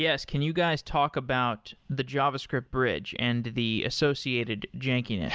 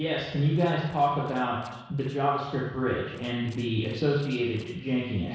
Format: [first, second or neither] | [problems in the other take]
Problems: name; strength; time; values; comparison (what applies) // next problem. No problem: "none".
first | noise reduction (neural separator model SepFormer DNS4)